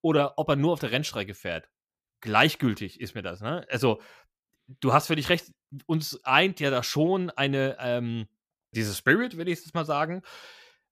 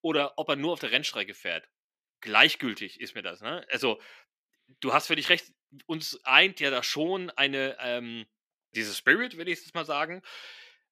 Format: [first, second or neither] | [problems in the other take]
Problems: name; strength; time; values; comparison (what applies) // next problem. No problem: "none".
first | thin; very slightly; fading below 300 Hz